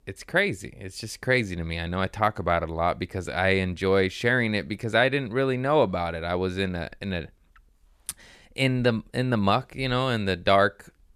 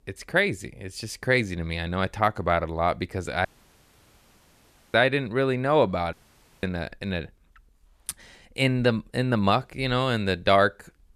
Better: first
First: none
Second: audio cutting out; at 3.5 s for 1.5 s and at 6 s for 0.5 s

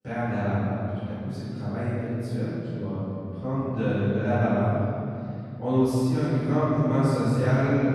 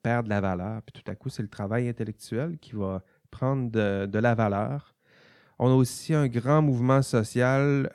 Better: second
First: room echo; strong; dies away in 2.8 s // off-mic speech; far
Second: none

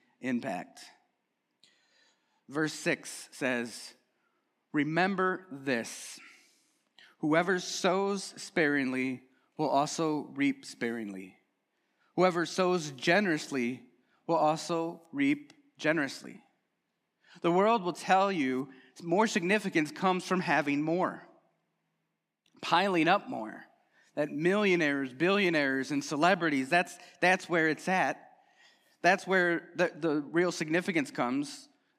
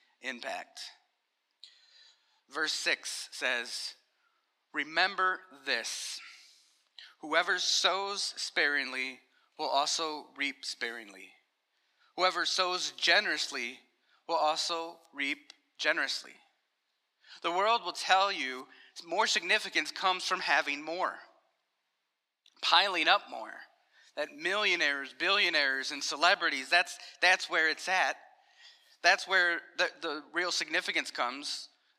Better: first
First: none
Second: thin; very; fading below 650 Hz

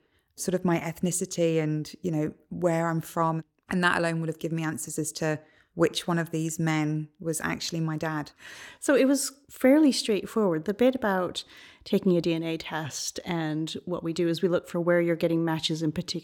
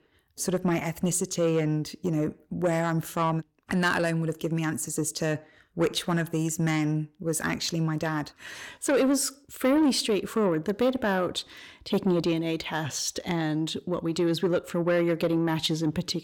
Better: first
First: none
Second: distortion; slight; 10 dB below the speech

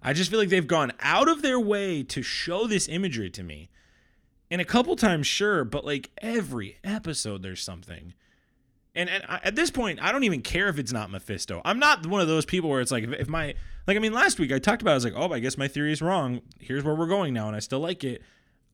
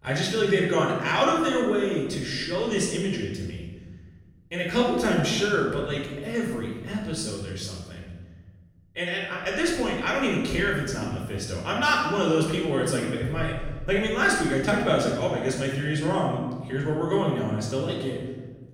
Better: first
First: none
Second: off-mic speech; far // room echo; noticeable; dies away in 1.2 s

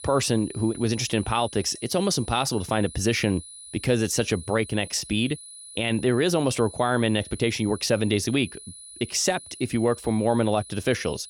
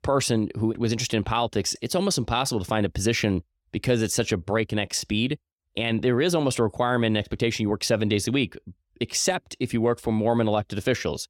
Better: second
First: high-pitched whine; noticeable; throughout; 10 kHz, 15 dB below the speech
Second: none

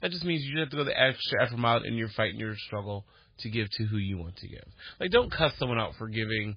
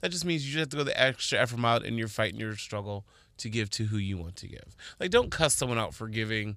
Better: second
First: garbled, watery; badly; nothing above 4 kHz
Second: none

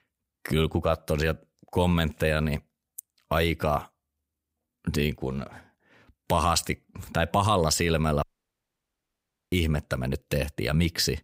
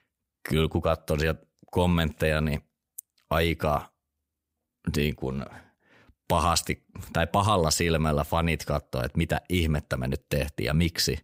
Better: second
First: audio cutting out; at 8 s for 1.5 s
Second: none

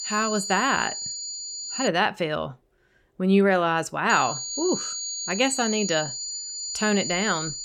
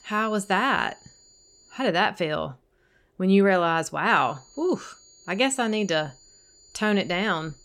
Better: second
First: high-pitched whine; loud; until 2 s and from 4 s on; 7 kHz, 5 dB below the speech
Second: high-pitched whine; faint; until 2 s and from 4 s on; 7 kHz, 30 dB below the speech

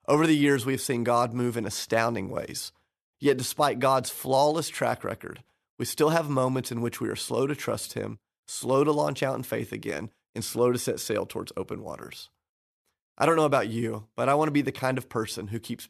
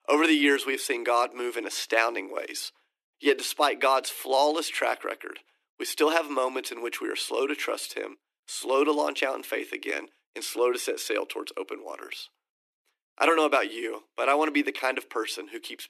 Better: first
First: none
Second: thin; very slightly; fading below 300 Hz

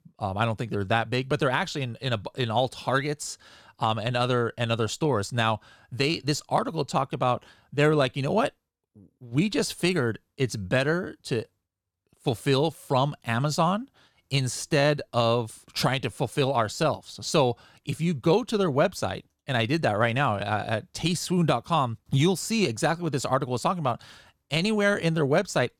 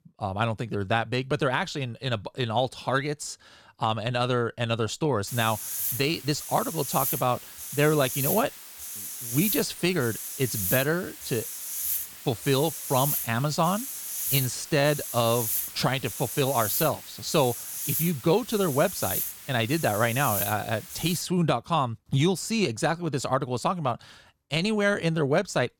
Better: first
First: none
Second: hiss; loud; from 5.5 to 21 s; 4 dB below the speech

